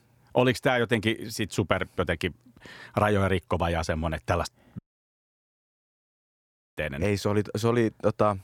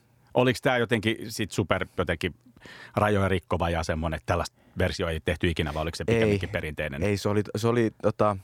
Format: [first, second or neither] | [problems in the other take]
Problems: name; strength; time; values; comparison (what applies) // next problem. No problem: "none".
second | audio cutting out; at 5 s for 2 s